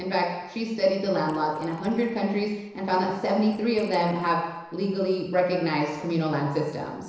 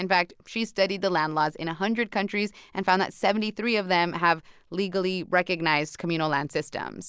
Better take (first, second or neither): second